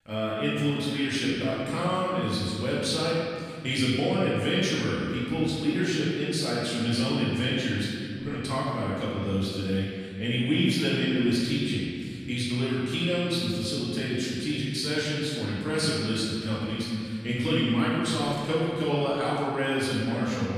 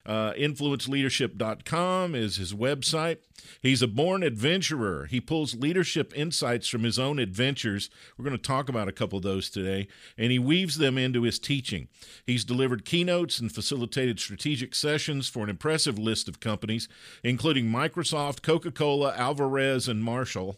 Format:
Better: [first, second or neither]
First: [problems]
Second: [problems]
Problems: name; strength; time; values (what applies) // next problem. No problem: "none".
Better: second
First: room echo; strong; dies away in 2 s // off-mic speech; far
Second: none